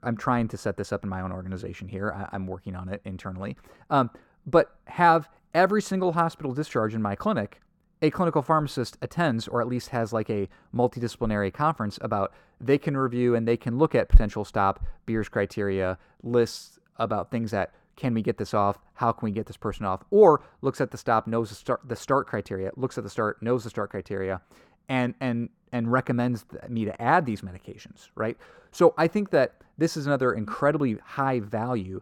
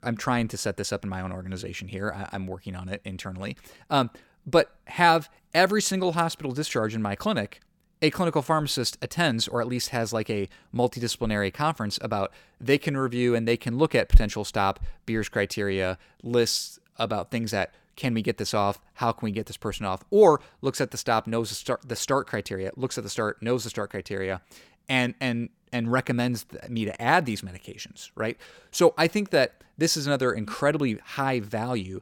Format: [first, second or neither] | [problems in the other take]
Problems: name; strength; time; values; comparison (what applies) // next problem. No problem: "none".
second | muffled; slightly; fading above 2 kHz